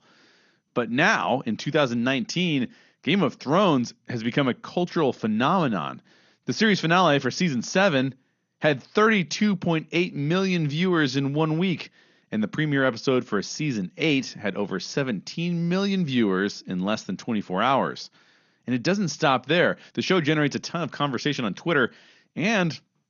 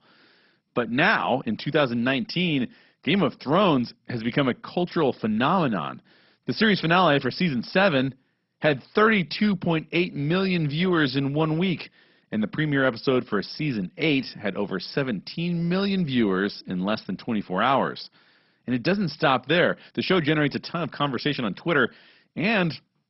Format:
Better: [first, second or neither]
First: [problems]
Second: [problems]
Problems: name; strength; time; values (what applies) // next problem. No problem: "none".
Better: first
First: garbled, watery; slightly; nothing above 6.5 kHz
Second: garbled, watery; badly; nothing above 5.5 kHz